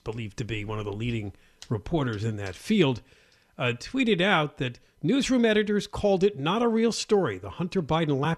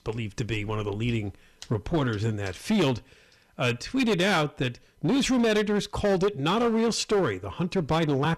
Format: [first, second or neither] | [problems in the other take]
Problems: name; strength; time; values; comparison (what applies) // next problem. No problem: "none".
first | distortion; slight; 11% of the sound clipped